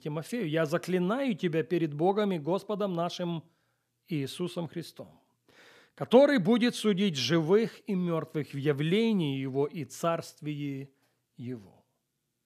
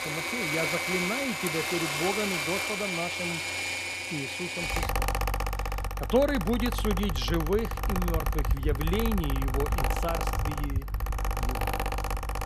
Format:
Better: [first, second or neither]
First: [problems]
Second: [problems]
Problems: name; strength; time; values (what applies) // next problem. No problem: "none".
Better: first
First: none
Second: machinery noise; very loud; throughout; 2 dB above the speech